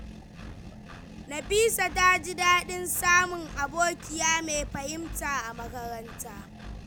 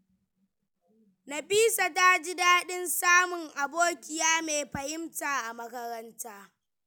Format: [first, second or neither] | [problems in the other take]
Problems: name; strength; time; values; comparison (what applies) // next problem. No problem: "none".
second | background sound (Engine); 13 dB below the speech